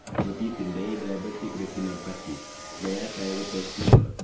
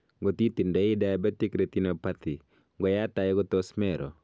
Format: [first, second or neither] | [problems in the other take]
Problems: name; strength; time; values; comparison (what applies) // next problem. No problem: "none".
second | background sound (Car); 5 dB above the speech // room echo; dies away in 0.4 s